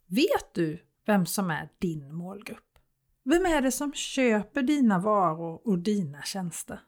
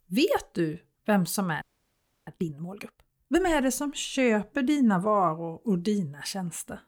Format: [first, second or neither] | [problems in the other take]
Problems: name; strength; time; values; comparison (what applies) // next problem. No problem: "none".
first | audio freezing; at 1.5 s for 0.5 s